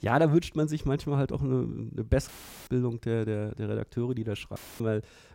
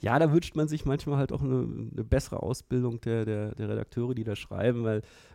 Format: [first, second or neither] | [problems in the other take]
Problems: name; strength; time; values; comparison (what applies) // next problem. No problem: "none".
second | audio cutting out; filled with static; at 2.5 s and at 4.5 s